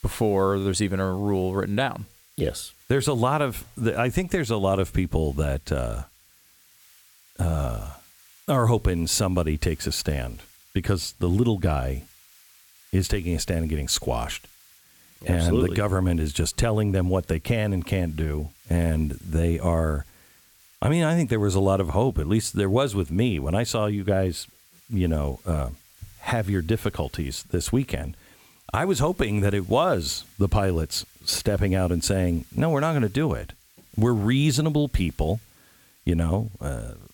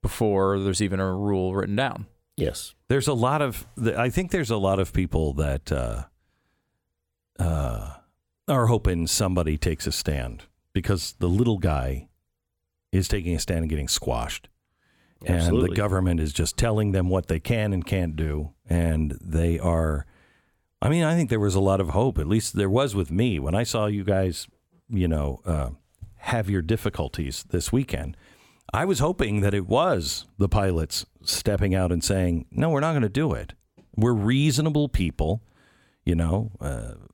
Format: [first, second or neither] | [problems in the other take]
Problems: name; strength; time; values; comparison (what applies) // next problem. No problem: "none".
second | hiss; faint; throughout; 25 dB below the speech